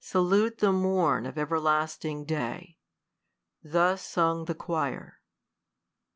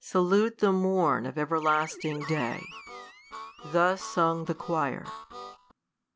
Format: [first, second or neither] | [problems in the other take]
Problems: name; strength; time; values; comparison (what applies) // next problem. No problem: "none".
first | background sound (Harmonica + Animal); 15 dB below the speech